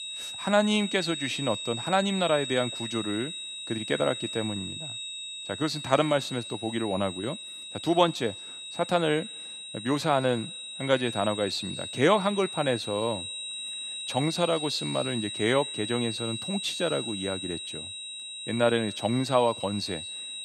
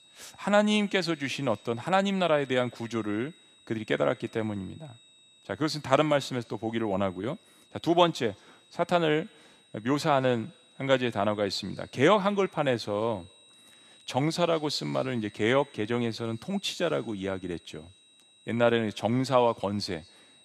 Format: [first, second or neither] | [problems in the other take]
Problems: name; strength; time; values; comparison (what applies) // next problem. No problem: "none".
second | high-pitched whine; loud; throughout; 4 kHz, 7 dB below the speech; faint in the second